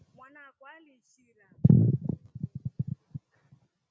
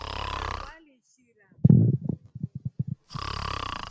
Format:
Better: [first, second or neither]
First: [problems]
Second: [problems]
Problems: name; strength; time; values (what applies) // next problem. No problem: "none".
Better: first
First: none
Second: background sound (Breathing); 10 dB below the speech